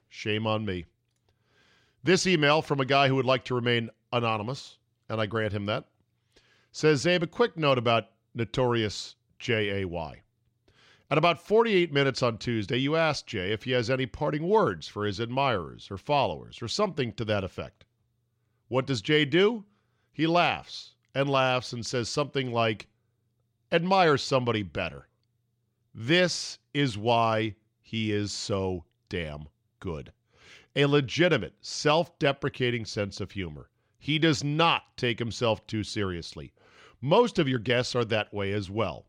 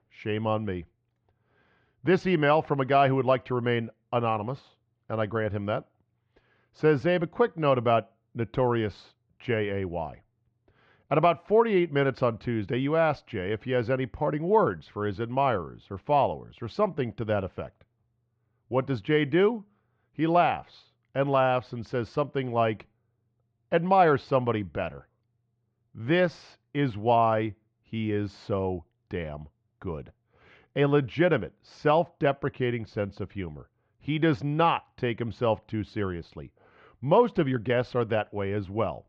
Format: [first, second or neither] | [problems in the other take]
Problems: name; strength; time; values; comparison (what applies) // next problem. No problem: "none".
first | muffled; very; fading above 2 kHz